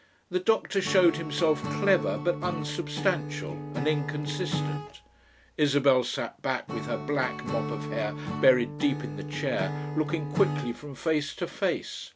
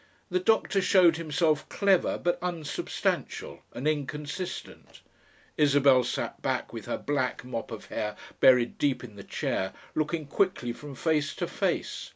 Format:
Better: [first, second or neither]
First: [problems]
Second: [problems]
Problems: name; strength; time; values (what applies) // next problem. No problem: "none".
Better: second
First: background sound (Acoustic guitar / Strum); 6 dB below the speech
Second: none